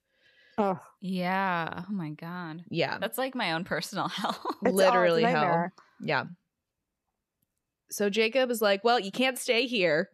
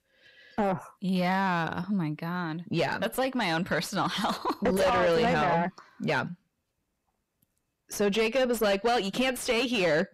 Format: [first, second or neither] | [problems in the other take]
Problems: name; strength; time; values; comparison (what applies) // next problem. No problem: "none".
first | distortion; heavy; 8 dB below the speech